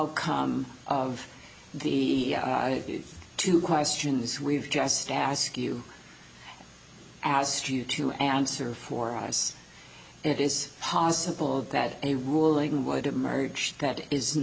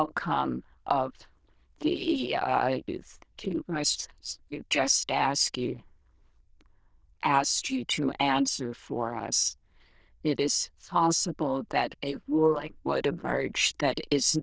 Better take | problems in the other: first | noise reduction (neural diffusion model UNIVERSE++)

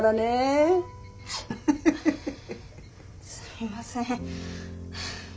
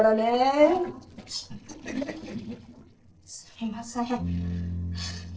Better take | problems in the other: first | noise reduction (neural separator model SepFormer DNS4)

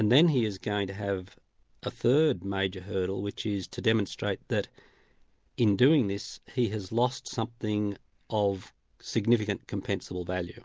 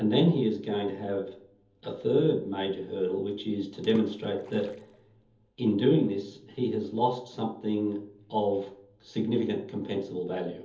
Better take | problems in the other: first | background sound (Water / Splash, splatter); 18 dB below the speech // room echo; dies away in 0.7 s

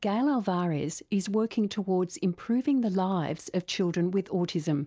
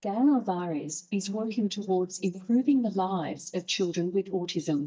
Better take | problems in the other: first | noise reduction (neural mask model DeepFilterNet 3)

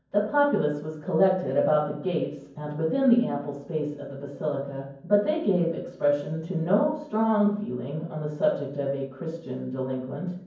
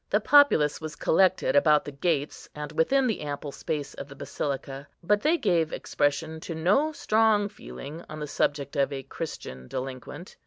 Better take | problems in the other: second | room echo; dies away in 0.9 s

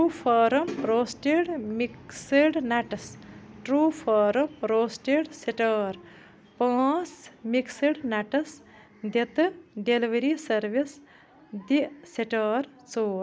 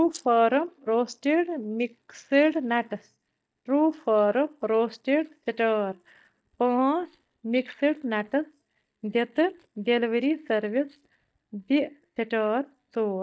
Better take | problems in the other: first | noise reduction (neural mask model DeepFilterNet 3)

